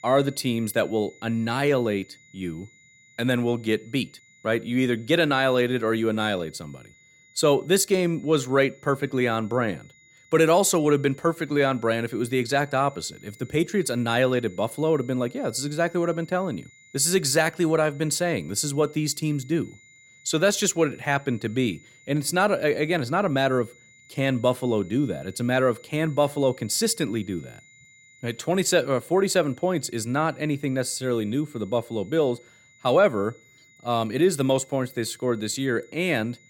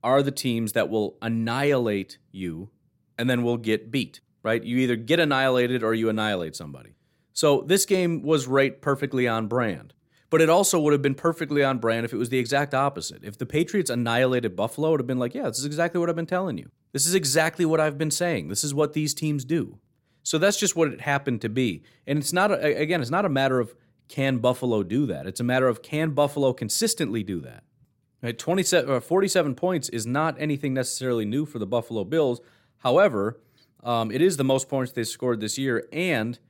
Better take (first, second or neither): second